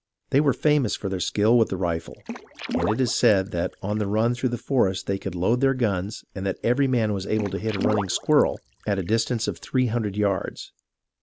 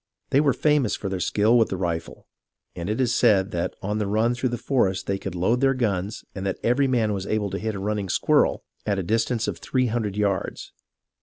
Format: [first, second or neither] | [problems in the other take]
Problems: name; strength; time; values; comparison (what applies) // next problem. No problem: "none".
second | background sound (Water / Splash, splatter); 10 dB below the speech